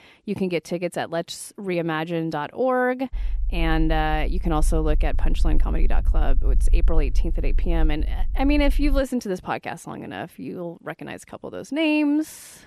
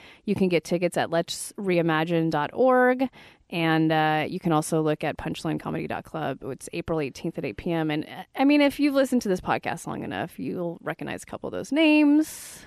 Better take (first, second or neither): second